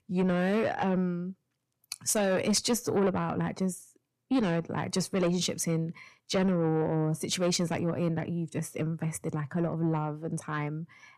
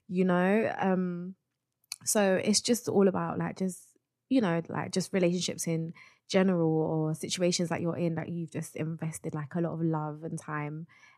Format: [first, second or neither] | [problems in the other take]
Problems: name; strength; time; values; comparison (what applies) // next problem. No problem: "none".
second | distortion; slight; 10 dB below the speech